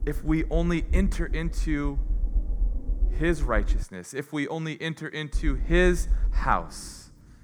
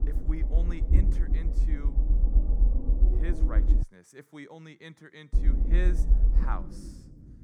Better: first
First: low rumble; faint; until 4 s and from 5.5 s on; 20 dB below the speech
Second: low rumble; loud; until 4 s and from 5.5 s on; 2 dB below the speech

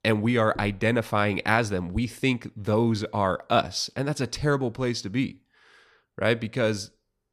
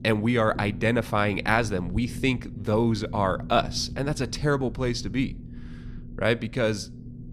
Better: first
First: none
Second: low rumble; faint; throughout; 20 dB below the speech

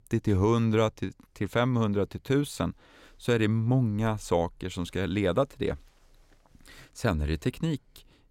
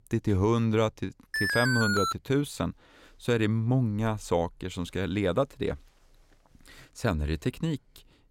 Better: first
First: none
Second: alarm; loud; at 1.5 s; peak 2 dB above the speech

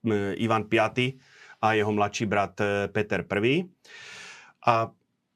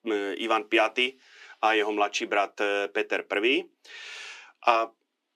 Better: first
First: none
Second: thin; somewhat; fading below 300 Hz

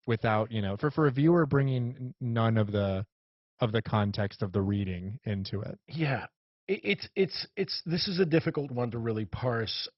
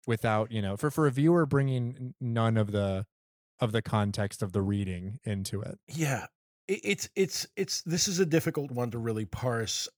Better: second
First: garbled, watery; badly; nothing above 5.5 kHz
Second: none

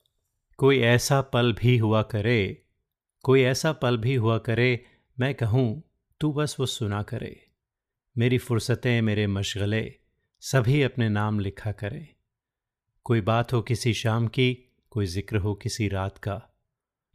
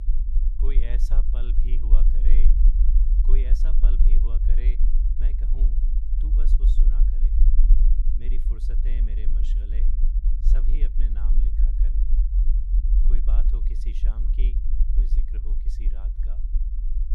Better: first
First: none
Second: low rumble; loud; throughout; as loud as the speech

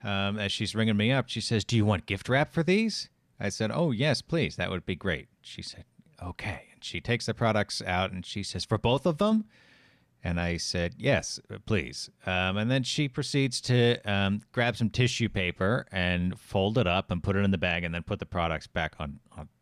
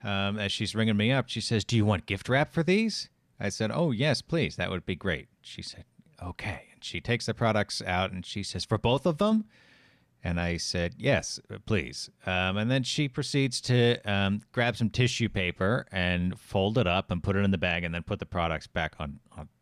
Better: neither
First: none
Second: none

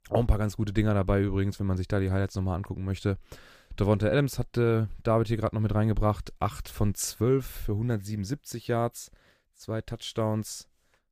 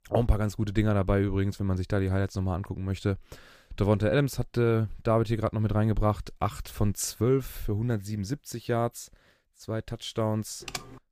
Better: first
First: none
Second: keyboard typing; noticeable; at 11 s; peak 9 dB below the speech

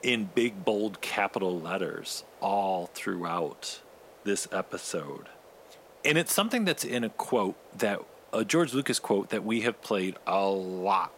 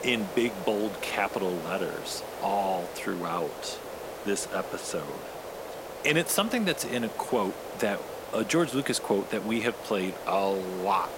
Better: first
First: hiss; faint; throughout; 25 dB below the speech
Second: hiss; loud; throughout; 9 dB below the speech

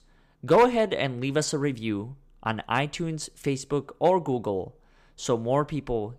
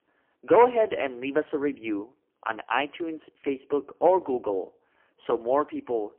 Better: first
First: none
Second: phone-call audio; poor line; nothing above 3 kHz

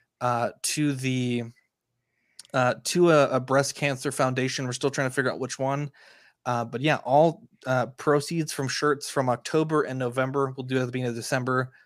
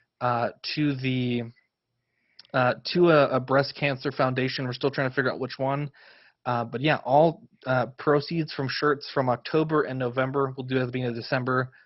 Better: first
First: none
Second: garbled, watery; badly; nothing above 5.5 kHz

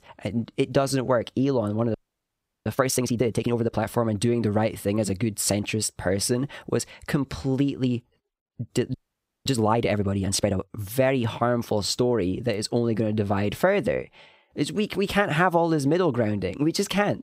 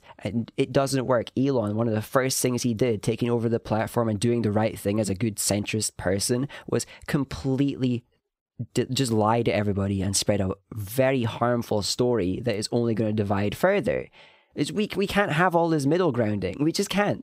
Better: second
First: audio freezing; at 2 s for 0.5 s and at 9 s for 0.5 s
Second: none

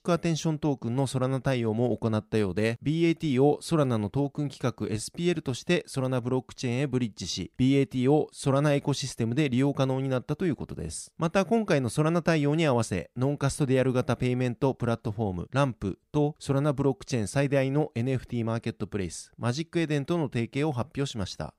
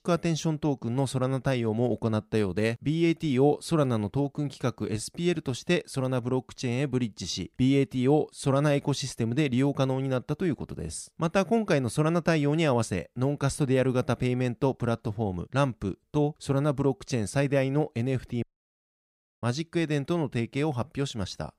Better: first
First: none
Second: audio cutting out; at 18 s for 1 s

